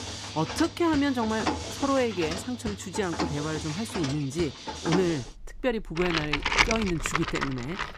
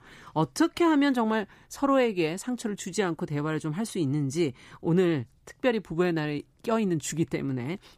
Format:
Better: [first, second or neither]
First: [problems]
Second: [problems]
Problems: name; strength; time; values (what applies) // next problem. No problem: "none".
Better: second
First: machinery noise; loud; throughout; 2 dB below the speech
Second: none